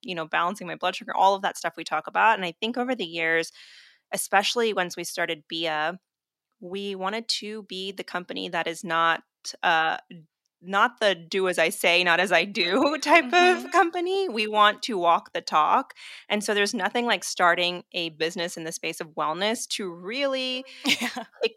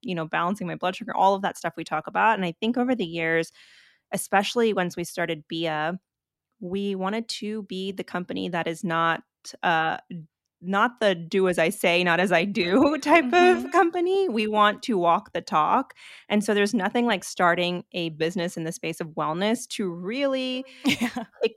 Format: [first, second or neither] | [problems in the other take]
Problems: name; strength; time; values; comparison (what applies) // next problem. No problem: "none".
second | thin; very slightly; fading below 1 kHz